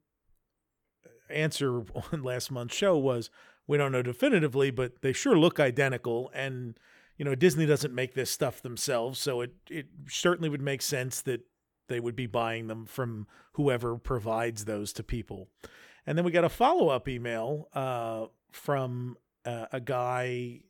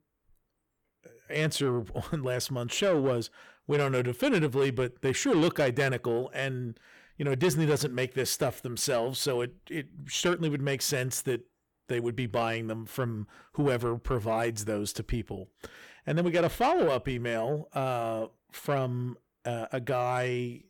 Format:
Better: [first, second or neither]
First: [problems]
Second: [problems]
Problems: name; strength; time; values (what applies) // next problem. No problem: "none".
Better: first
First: none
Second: distortion; slight; 10 dB below the speech